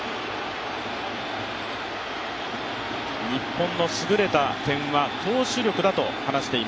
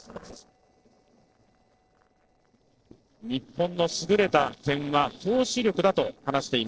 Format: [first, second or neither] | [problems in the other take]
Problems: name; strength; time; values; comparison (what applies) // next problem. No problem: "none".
first | noise reduction (neural separator model SepFormer DNS4)